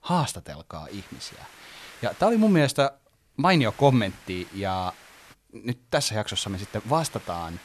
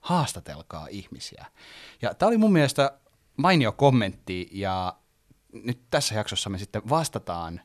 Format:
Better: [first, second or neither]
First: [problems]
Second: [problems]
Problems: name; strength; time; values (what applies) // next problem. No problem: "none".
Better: second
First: hiss; faint; from 1 to 2.5 s, from 3.5 to 5.5 s and from 6.5 s on; 20 dB below the speech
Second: none